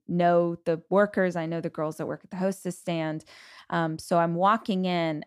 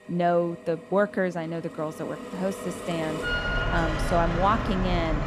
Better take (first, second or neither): first